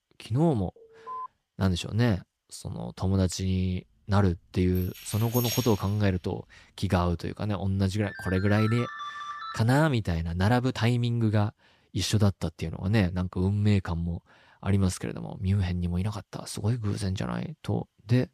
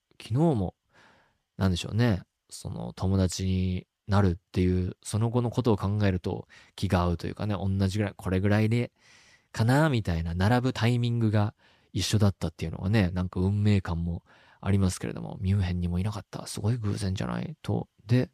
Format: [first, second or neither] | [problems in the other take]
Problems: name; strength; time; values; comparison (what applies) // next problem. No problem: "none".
second | alarm; faint; at 1 s; peak 10 dB below the speech // jangling keys; noticeable; from 5 to 6 s; peak 3 dB below the speech // phone ringing; noticeable; from 8 to 9.5 s; peak 8 dB below the speech